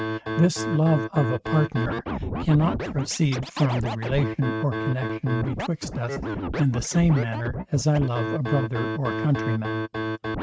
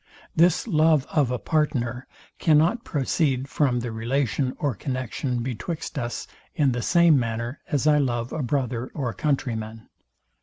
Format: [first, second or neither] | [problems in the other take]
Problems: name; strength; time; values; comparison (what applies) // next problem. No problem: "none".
second | noise reduction (neural mask model RNNoise)